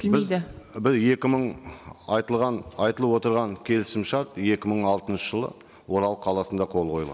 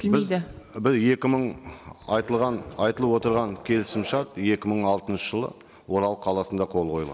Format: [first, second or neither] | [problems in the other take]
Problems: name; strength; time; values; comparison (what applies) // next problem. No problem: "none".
first | background sound (Zipper (clothing)); 16 dB below the speech